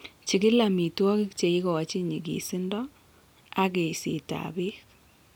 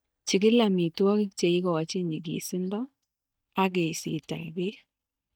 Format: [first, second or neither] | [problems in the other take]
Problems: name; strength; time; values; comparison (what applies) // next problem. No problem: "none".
first | noise reduction (neural mask model DeepFilterNet 3)